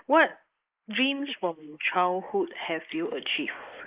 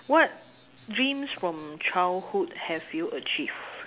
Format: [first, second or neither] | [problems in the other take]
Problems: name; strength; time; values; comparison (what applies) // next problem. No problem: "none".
second | noise reduction (neural mask model Resemble Enhance denoiser)